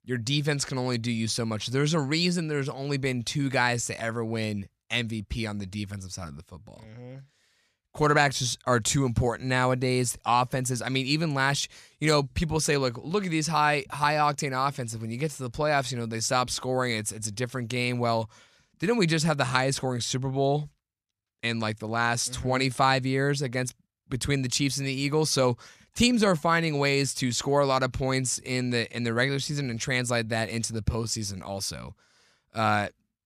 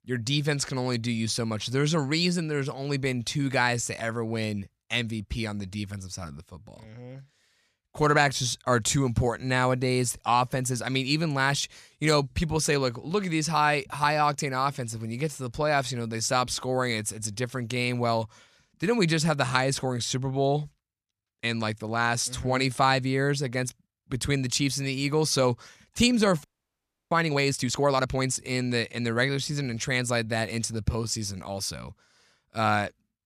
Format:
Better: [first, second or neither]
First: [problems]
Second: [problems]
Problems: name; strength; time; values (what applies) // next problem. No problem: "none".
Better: first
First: none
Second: audio freezing; at 26 s for 0.5 s